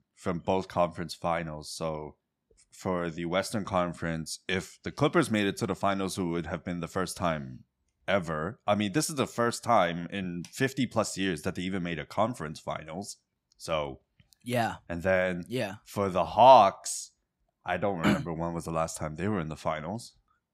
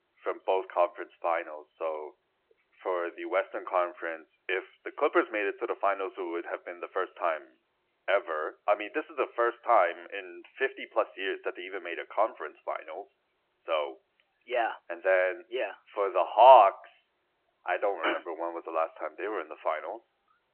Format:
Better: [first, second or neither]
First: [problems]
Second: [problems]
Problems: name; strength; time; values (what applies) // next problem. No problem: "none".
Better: first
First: none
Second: phone-call audio